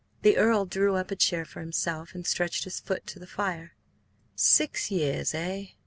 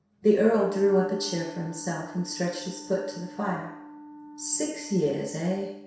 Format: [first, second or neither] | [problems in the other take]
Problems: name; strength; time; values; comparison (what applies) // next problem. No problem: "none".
first | background sound (Wind instrument, woodwind instrument); 17 dB below the speech // room echo; dies away in 0.7 s